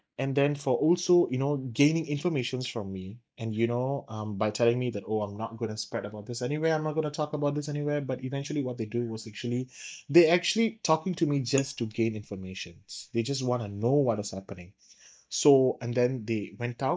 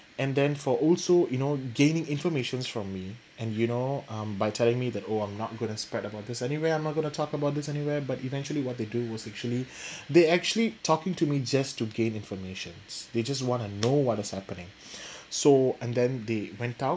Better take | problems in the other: second | noise reduction (neural mask model DeepFilterNet 3)

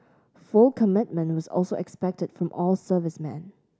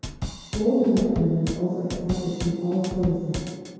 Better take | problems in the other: first | background sound (Drum / Drum kit); 9 dB below the speech // room echo; dies away in 2 s

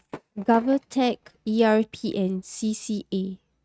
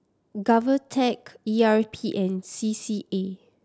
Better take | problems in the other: second | noise reduction (neural mask model RNNoise)

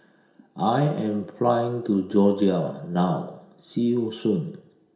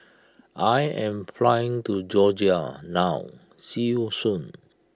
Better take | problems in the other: second | room echo; dies away in 0.7 s

